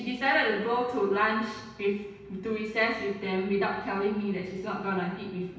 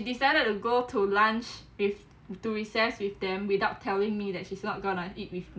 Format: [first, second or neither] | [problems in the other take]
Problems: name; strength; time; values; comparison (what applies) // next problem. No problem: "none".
second | room echo; dies away in 0.9 s